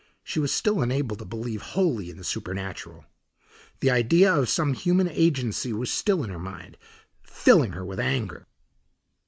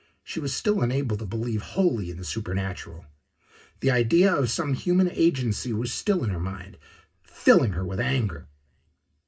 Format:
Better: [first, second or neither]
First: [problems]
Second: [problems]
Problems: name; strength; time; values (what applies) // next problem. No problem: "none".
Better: first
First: none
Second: room echo; dies away in 0.4 s